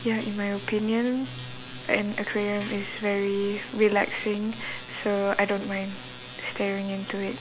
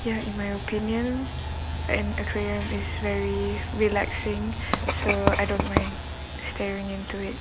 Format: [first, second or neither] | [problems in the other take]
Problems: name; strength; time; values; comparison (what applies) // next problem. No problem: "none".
first | background sound (Train + Writing); 1 dB below the speech